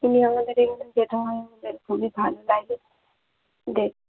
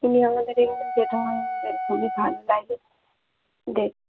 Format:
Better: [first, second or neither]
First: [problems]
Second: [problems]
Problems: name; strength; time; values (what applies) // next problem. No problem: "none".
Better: first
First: none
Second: background sound (Wind instrument, woodwind instrument); 6 dB below the speech